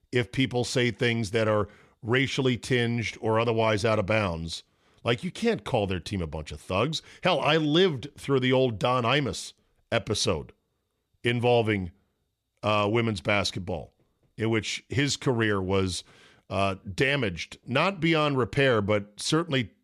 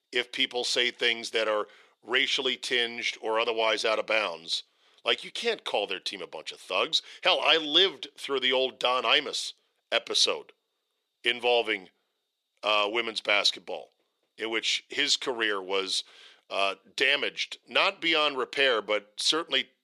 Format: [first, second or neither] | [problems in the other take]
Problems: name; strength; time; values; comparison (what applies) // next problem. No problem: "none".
first | thin; very; fading below 400 Hz